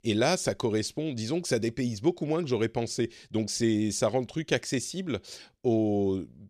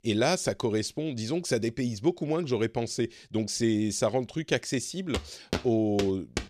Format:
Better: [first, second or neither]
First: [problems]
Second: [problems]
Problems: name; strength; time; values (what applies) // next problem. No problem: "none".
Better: first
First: none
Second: footsteps; noticeable; from 5 s on; peak 5 dB below the speech